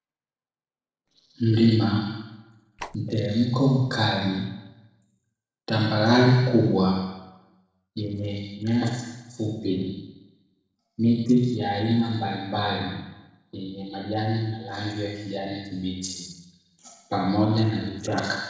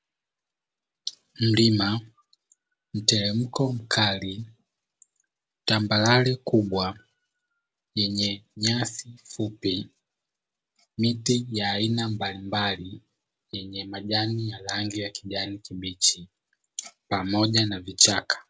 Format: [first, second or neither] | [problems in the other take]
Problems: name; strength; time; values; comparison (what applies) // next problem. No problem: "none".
second | noise reduction (neural separator model SepFormer DNS4)